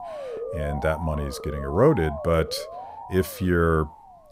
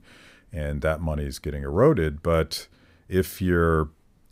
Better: second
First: siren; noticeable; peak 8 dB below the speech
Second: none

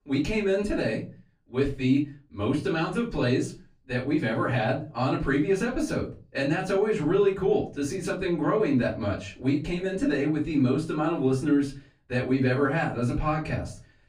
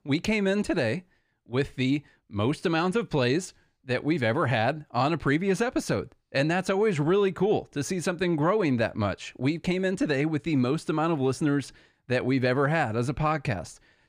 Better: second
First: off-mic speech; far // room echo; very slight; dies away in 0.3 s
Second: none

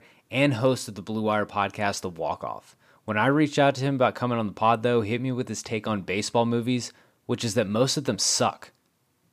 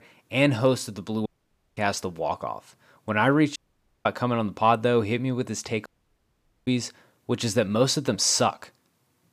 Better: first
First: none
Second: audio cutting out; at 1.5 s for 0.5 s, at 3.5 s and at 6 s for 1 s

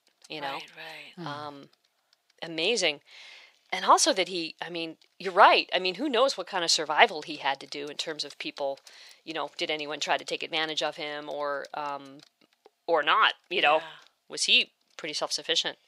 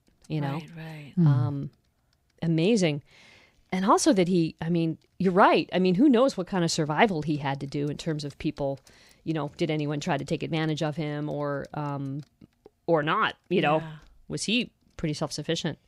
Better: second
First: thin; very; fading below 650 Hz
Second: none

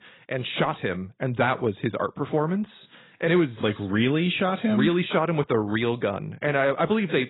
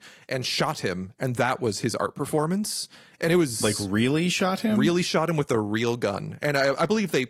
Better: second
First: garbled, watery; badly; nothing above 4 kHz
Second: garbled, watery; slightly

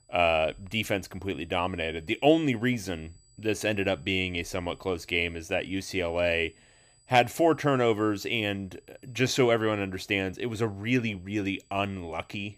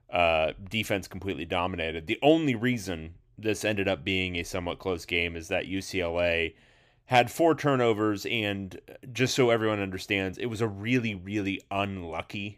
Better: second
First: high-pitched whine; faint; throughout; 8 kHz, 35 dB below the speech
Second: none

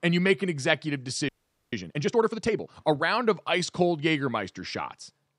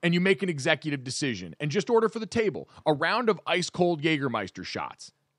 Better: second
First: audio freezing; at 1.5 s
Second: none

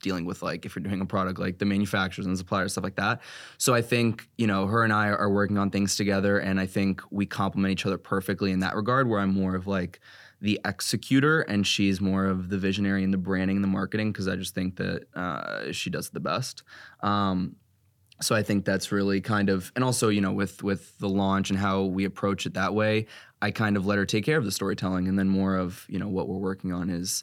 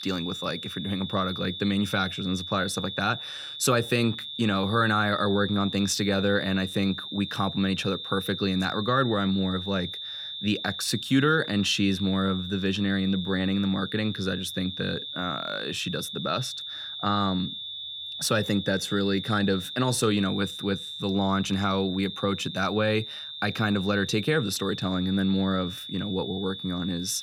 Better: first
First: none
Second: high-pitched whine; loud; throughout; 3.5 kHz, 8 dB below the speech

